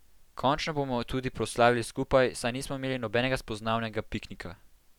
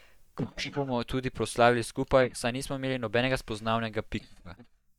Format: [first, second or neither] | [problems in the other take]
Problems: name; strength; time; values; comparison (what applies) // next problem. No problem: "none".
first | noise reduction (neural mask model DeepFilterNet 3)